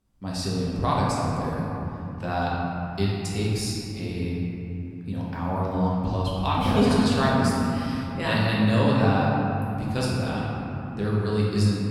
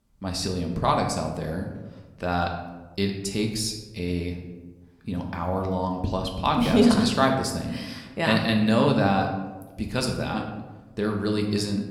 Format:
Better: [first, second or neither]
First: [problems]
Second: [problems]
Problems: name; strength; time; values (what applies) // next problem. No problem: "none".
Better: second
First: room echo; strong; dies away in 3 s // off-mic speech; far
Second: room echo; slight; dies away in 0.8 s